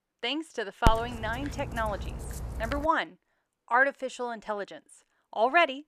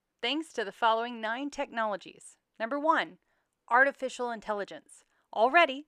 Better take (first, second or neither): second